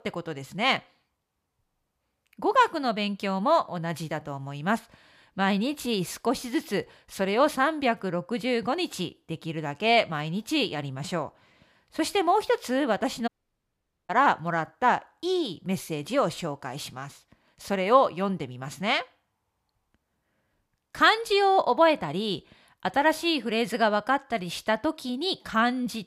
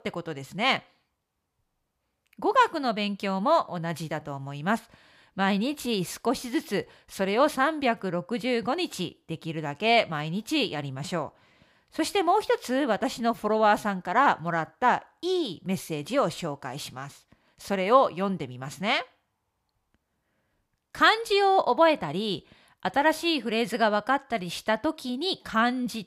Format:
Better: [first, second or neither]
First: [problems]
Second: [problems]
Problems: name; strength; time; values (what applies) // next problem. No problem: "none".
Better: second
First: audio cutting out; at 13 s for 1 s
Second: none